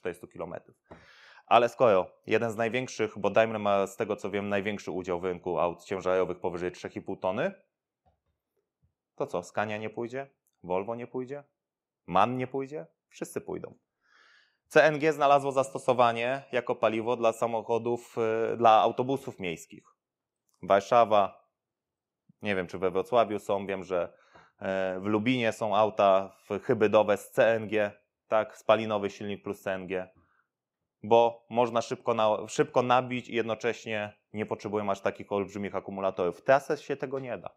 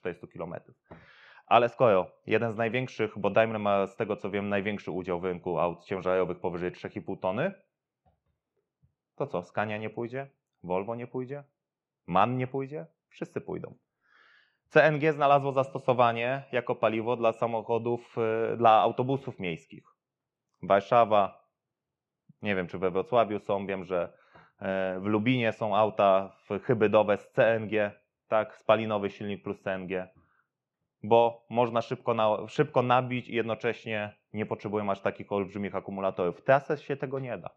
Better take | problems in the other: first | muffled; slightly; fading above 3 kHz

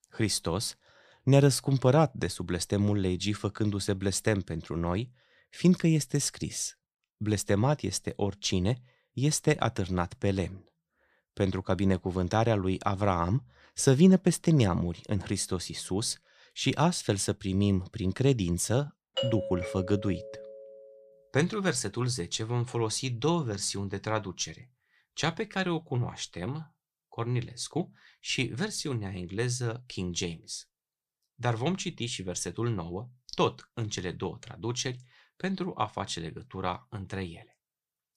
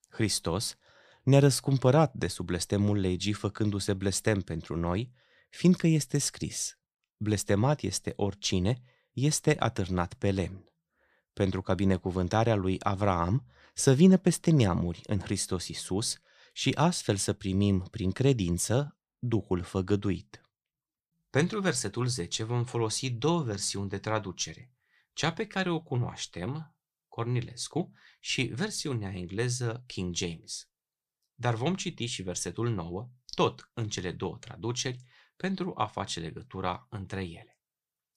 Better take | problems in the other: second | doorbell; noticeable; from 19 to 21 s; peak 3 dB below the speech

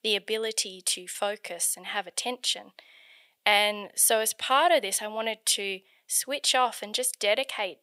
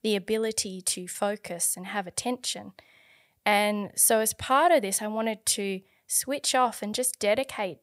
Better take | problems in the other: second | thin; somewhat; fading below 350 Hz

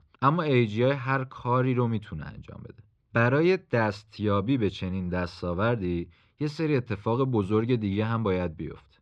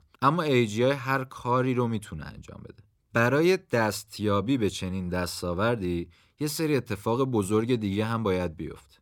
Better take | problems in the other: second | muffled; slightly; fading above 4 kHz

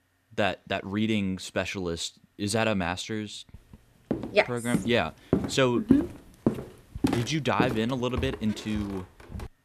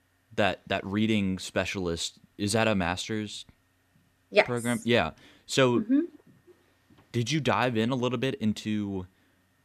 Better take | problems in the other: second | footsteps; noticeable; from 4 s on; peak level with the speech

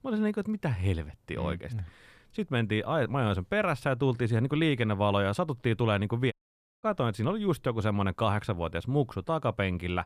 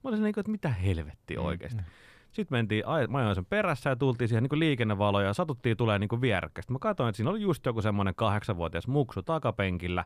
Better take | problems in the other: second | audio cutting out; at 6.5 s for 0.5 s

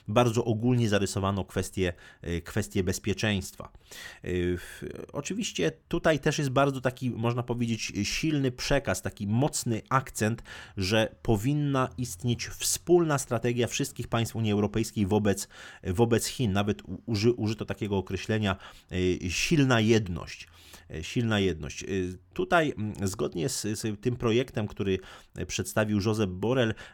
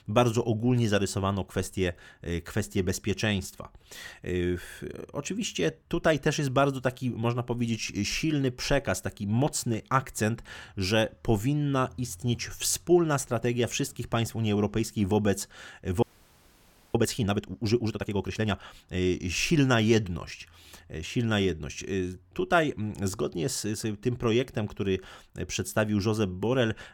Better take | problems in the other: first | audio freezing; at 16 s for 1 s

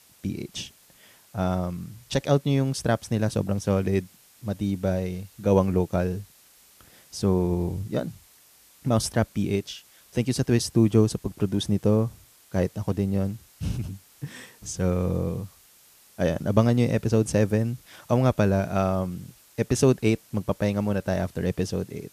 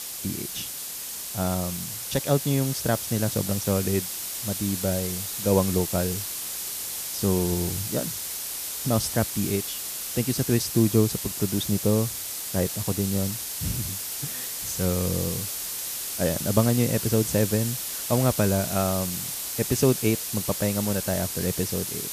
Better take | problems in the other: first | hiss; loud; throughout; 3 dB below the speech; faint in the first

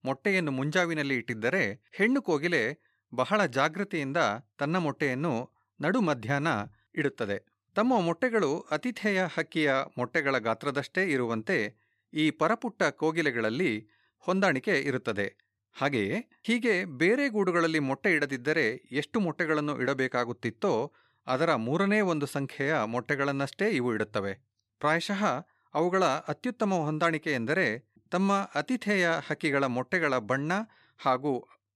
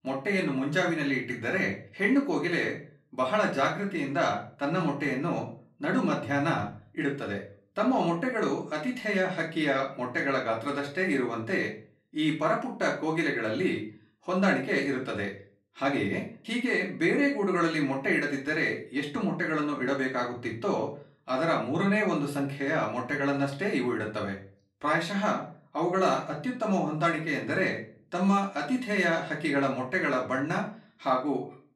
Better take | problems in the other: first | off-mic speech; far // room echo; slight; dies away in 0.3 s

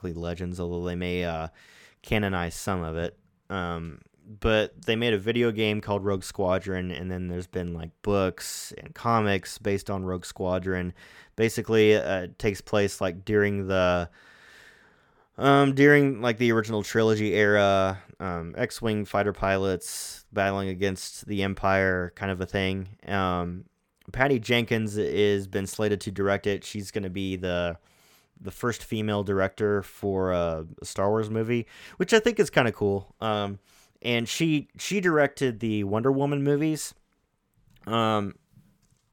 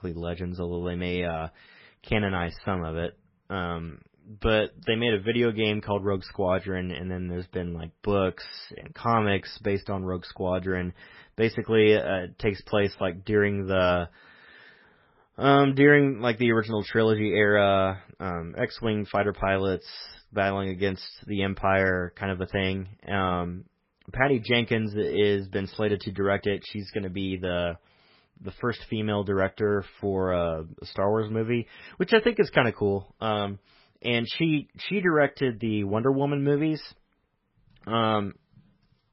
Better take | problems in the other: first | garbled, watery; badly; nothing above 5.5 kHz

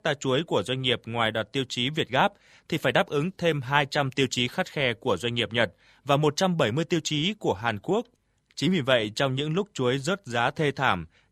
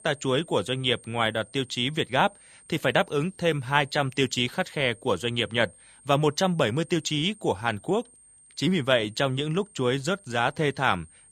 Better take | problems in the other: first | high-pitched whine; faint; throughout; 8.5 kHz, 25 dB below the speech

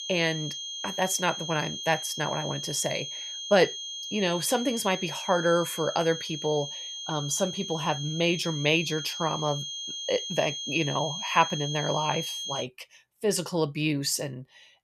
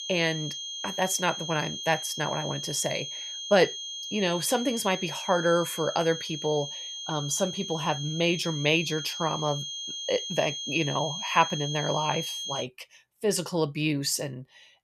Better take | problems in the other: neither | high-pitched whine; loud; until 13 s; 3.5 kHz, 6 dB below the speech; the same in both

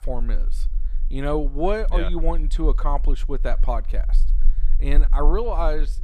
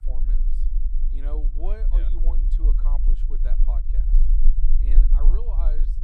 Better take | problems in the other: first | low rumble; loud; throughout; 5 dB below the speech; faint in the first

